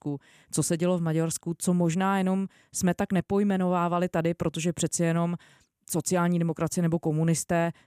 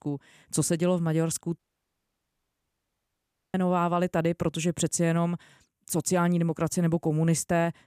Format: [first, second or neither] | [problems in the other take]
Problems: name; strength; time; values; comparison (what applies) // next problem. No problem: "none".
first | audio cutting out; at 1.5 s for 2 s